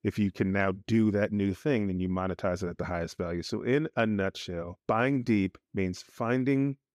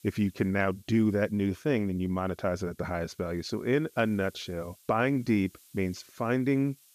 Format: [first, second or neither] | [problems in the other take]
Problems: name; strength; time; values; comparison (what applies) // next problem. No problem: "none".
first | hiss; faint; throughout; 30 dB below the speech